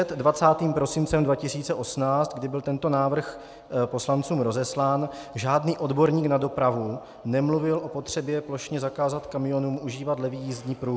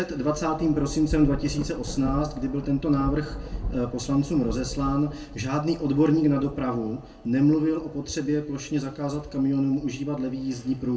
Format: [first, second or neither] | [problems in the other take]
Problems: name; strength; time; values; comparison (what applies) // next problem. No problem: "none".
first | background sound (Thunder / Rain); 12 dB below the speech // room echo; dies away in 0.2 s